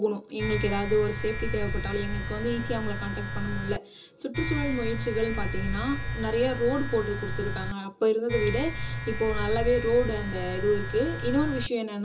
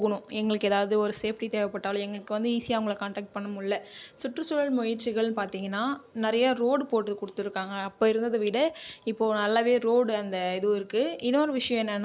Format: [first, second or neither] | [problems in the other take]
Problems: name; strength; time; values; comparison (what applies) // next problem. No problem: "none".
second | background sound (Domestic sounds, home sounds); 3 dB below the speech // room echo; dies away in 0.2 s